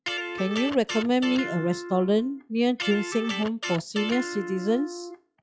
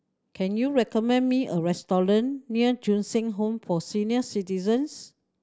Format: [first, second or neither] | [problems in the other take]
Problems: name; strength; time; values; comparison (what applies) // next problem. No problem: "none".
second | noise reduction (classical method log-MMSE)